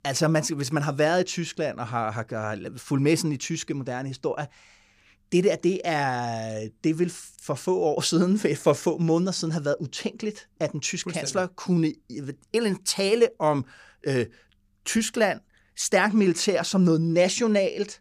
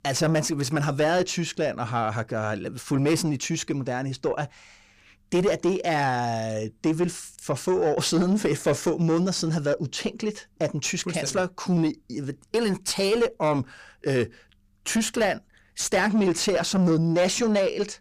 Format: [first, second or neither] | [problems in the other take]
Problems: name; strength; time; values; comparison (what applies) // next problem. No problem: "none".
first | distortion; slight; 10 dB below the speech